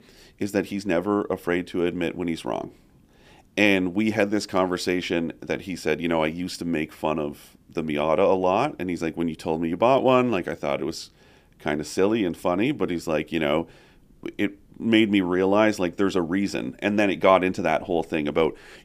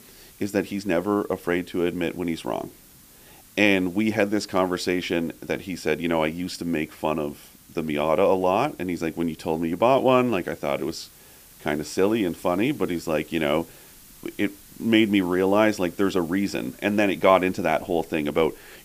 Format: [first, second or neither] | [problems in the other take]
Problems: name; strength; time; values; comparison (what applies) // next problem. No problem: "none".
first | hiss; faint; throughout; 25 dB below the speech